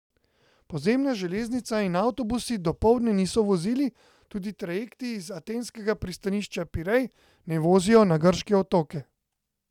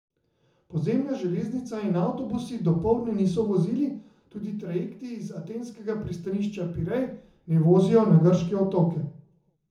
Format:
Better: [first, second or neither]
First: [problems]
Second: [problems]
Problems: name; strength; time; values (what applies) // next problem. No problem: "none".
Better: first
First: none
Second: room echo; dies away in 0.6 s